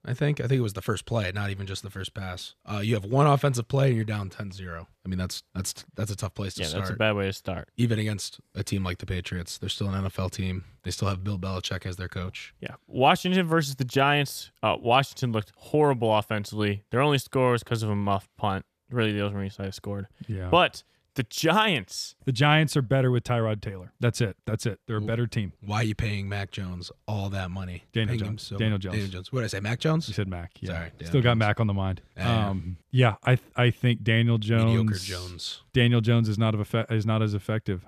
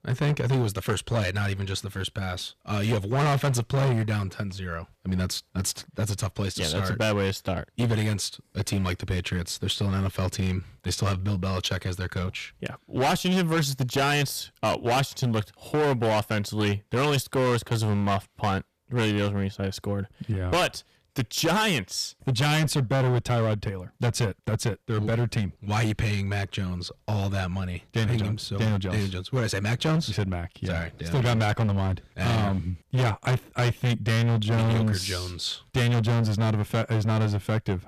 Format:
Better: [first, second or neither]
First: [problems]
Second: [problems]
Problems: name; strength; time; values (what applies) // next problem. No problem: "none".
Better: first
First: none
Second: distortion; heavy; 14% of the sound clipped